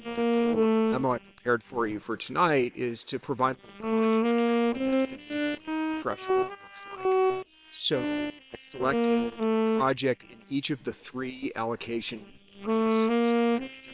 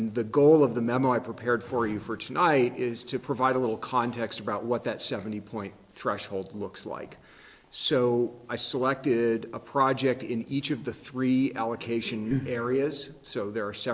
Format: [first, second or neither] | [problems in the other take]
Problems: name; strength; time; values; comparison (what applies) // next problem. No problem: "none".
second | noise reduction (neural separator model SepFormer WHAM!)